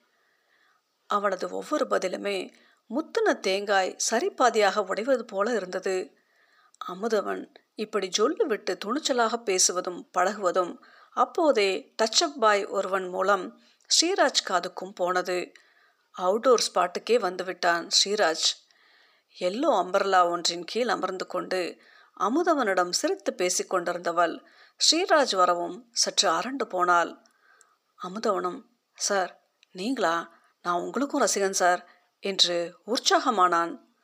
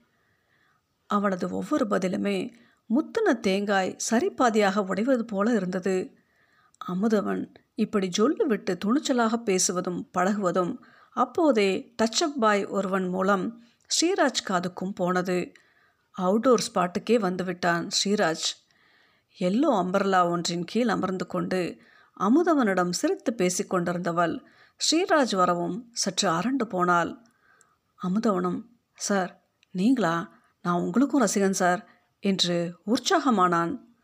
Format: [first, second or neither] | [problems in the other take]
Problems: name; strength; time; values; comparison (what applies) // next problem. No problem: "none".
second | thin; somewhat; fading below 450 Hz